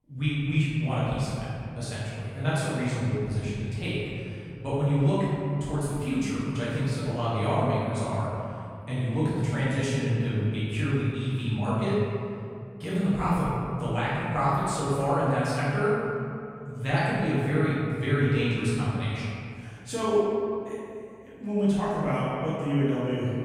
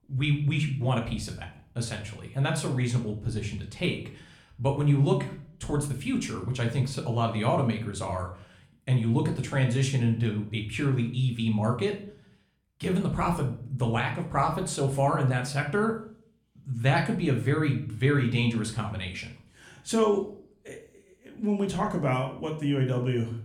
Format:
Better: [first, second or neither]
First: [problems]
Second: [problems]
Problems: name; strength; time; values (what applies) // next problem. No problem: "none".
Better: second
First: room echo; strong; dies away in 2.4 s // off-mic speech; far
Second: room echo; slight; dies away in 0.4 s // off-mic speech; somewhat distant